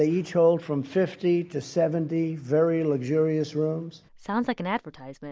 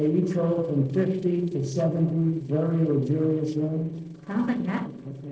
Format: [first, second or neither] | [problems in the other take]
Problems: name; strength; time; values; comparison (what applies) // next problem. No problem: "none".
first | noise reduction (neural separator model SepFormer DNS4)